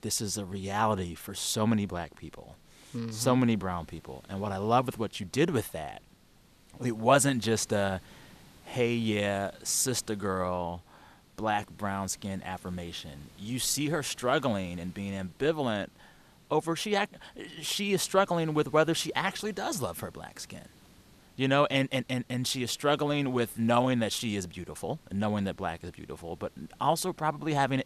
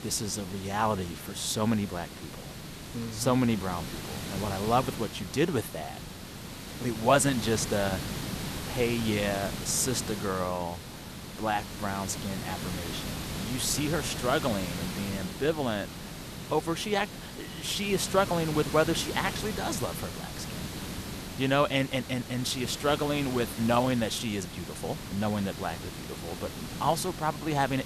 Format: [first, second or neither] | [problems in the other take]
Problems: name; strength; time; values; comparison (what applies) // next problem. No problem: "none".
first | hiss; loud; throughout; 8 dB below the speech; faint in the first